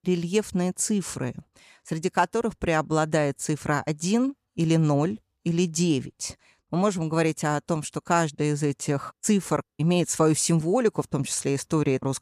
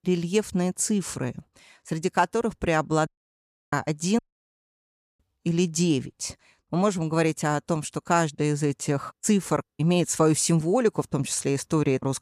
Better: first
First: none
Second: audio cutting out; at 3 s for 0.5 s and at 4 s for 1 s

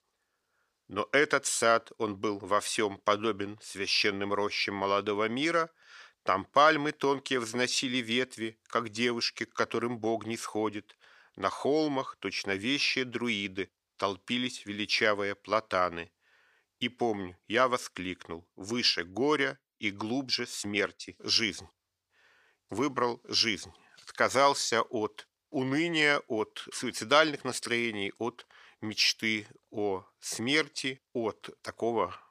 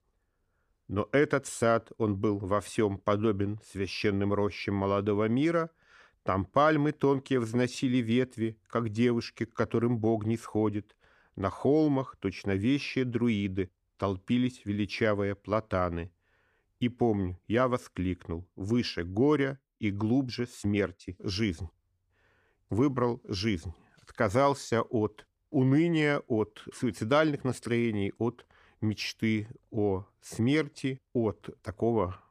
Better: second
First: thin; somewhat; fading below 1 kHz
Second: none

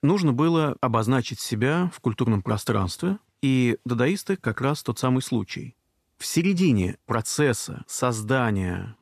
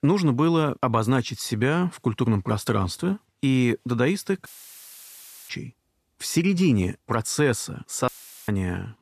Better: first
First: none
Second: audio cutting out; filled with static; at 4.5 s for 1 s and at 8 s

